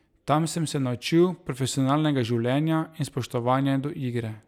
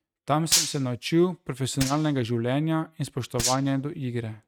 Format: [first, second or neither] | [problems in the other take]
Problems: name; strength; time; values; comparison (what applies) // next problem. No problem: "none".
first | noise reduction (neural mask model RNNoise)